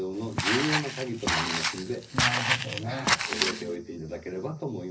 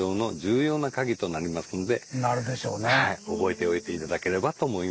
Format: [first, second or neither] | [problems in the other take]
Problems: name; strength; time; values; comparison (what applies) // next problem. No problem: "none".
second | background sound (Walk, footsteps); 4 dB above the speech // room echo; dies away in 0.4 s